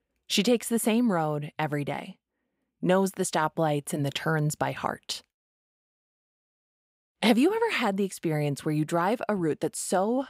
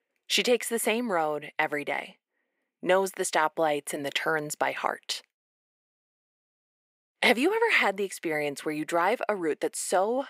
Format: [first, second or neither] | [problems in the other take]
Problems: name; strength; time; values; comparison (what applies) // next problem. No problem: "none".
first | thin; somewhat; fading below 450 Hz